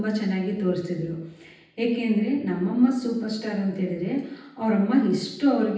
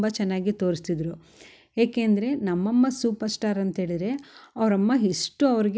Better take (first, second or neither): second